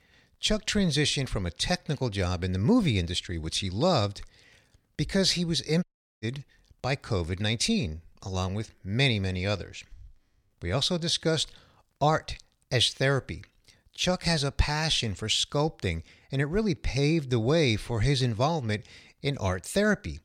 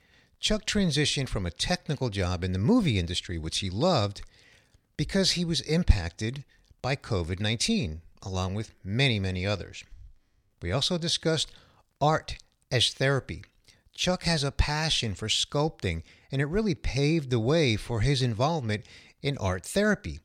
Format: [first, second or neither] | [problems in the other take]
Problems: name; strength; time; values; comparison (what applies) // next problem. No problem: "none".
second | audio cutting out; at 6 s